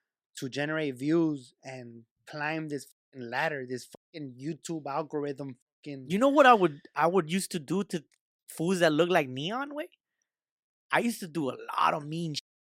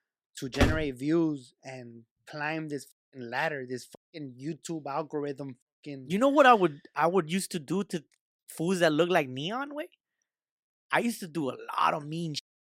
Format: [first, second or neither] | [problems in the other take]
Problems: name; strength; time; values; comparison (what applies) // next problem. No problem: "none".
first | door banging; loud; at 0.5 s; peak 1 dB above the speech